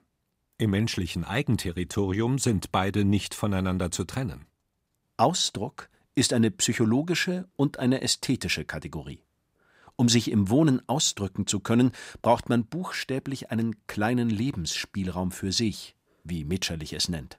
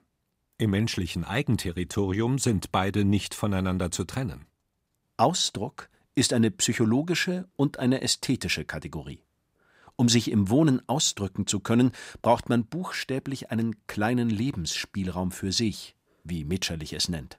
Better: neither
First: none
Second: none

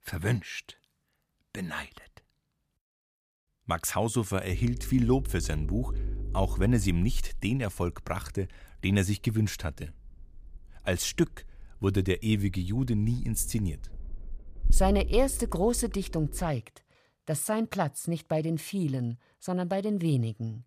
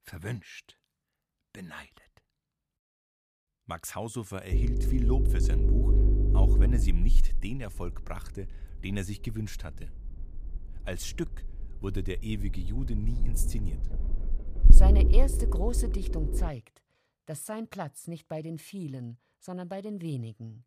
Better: first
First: low rumble; faint; from 4.5 to 16 s; 20 dB below the speech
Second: low rumble; loud; from 4.5 to 16 s; 3 dB below the speech

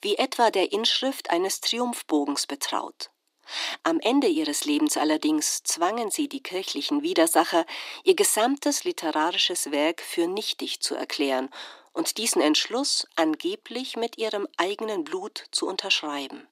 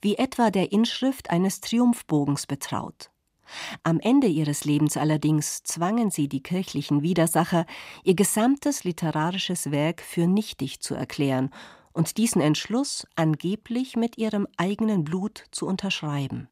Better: second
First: thin; somewhat; fading below 300 Hz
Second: none

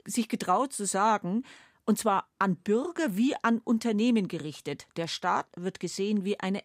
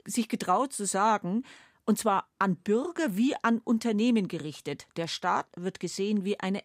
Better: neither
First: none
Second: none

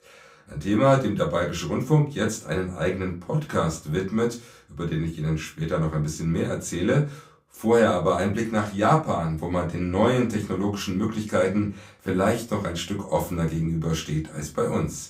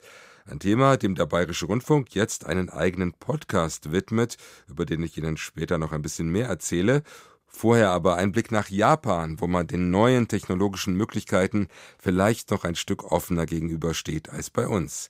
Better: second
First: off-mic speech; far // room echo; very slight; dies away in 0.3 s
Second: none

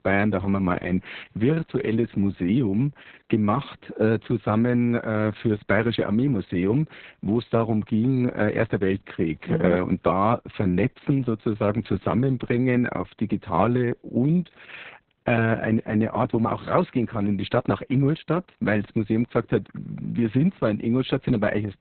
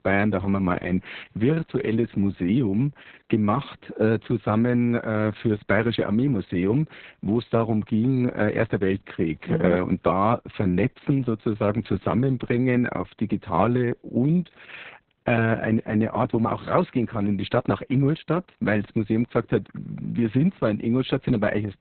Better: neither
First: garbled, watery; badly; nothing above 4 kHz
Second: garbled, watery; badly; nothing above 4 kHz

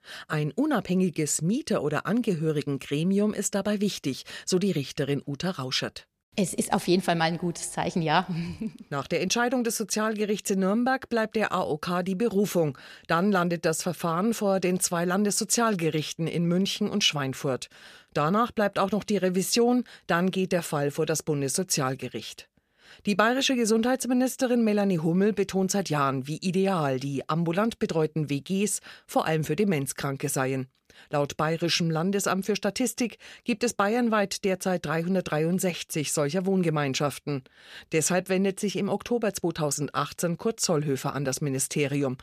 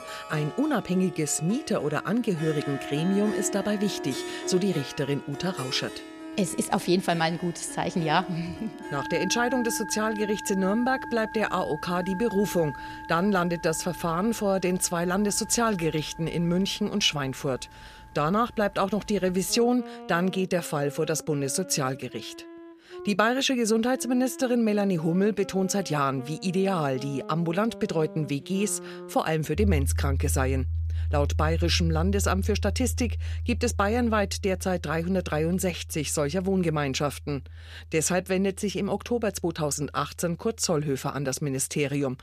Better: first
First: none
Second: background music; loud; throughout; 9 dB below the speech

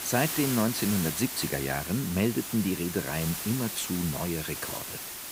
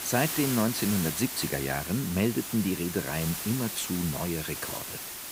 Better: neither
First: hiss; loud; throughout; 4 dB below the speech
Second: hiss; loud; throughout; 4 dB below the speech

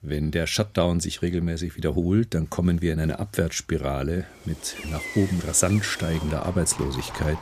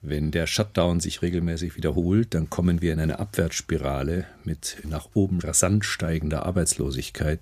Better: second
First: animal sounds; noticeable; from 4.5 s on; 10 dB below the speech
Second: none

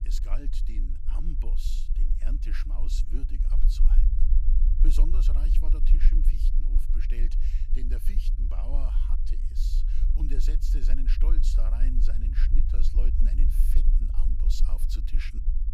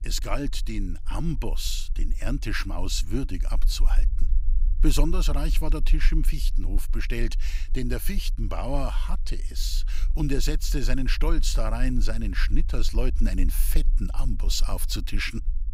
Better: second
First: low rumble; loud; throughout; 5 dB below the speech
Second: low rumble; faint; throughout; 20 dB below the speech

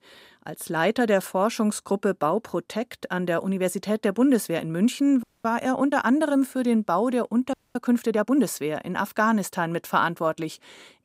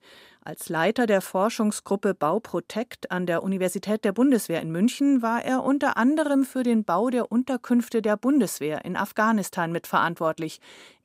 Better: second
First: audio freezing; at 5 s and at 7.5 s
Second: none

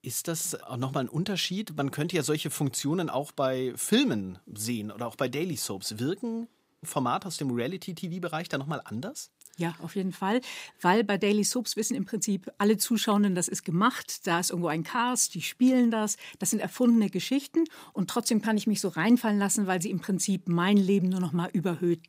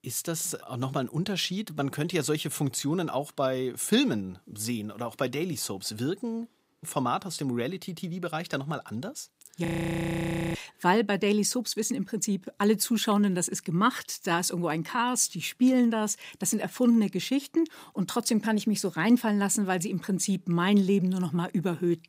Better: first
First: none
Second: audio freezing; at 9.5 s for 1 s

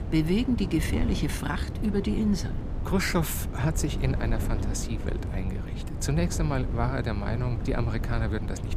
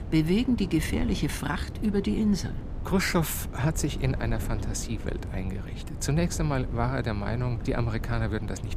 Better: second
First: wind noise on the microphone; heavy; 9 dB below the speech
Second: wind noise on the microphone; occasional gusts; 15 dB below the speech

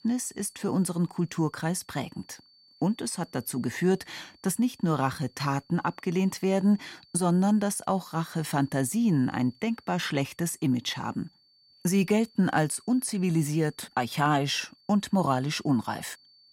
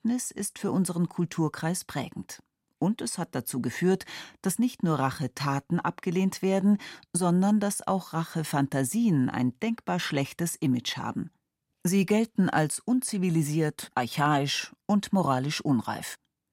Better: second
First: high-pitched whine; faint; throughout; 4.5 kHz, 30 dB below the speech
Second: none

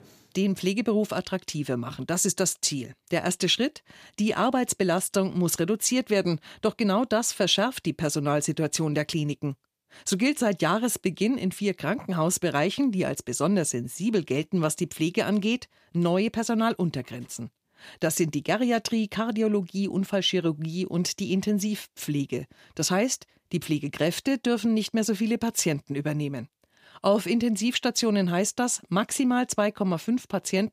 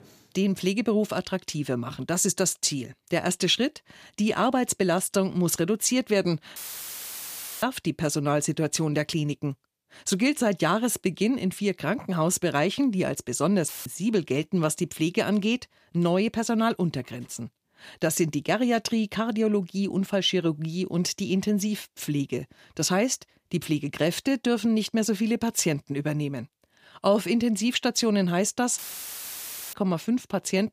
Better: first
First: none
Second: audio cutting out; filled with static; at 6.5 s for 1 s, at 14 s and at 29 s for 1 s

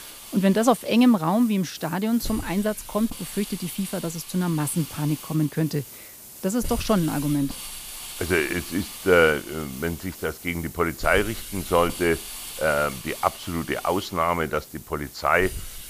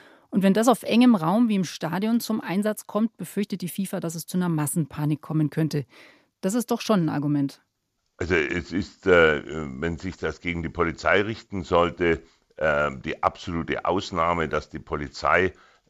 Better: second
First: hiss; noticeable; throughout; 10 dB below the speech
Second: none

